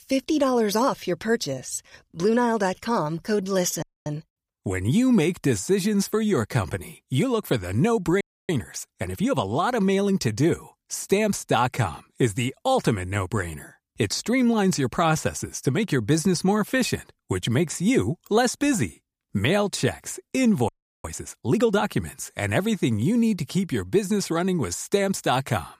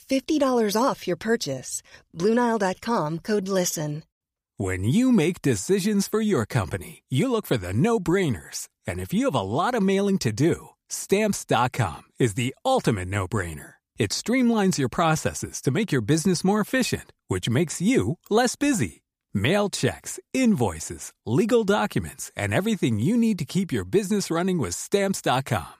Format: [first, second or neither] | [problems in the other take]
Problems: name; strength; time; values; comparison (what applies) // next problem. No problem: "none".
second | audio freezing; at 4 s, at 8 s and at 21 s